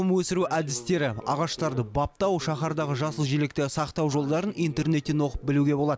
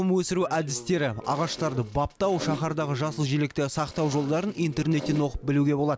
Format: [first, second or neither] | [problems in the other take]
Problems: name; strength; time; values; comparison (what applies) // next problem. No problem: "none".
first | background sound (Fart); 13 dB below the speech